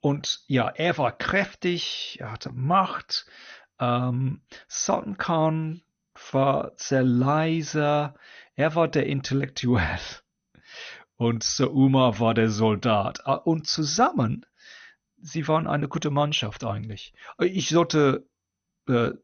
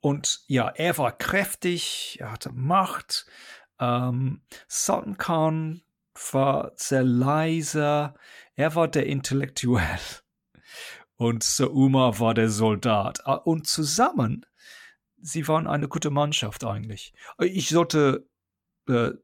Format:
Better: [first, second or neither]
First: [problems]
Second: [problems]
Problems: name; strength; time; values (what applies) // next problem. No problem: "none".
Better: second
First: garbled, watery; slightly; nothing above 6.5 kHz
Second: none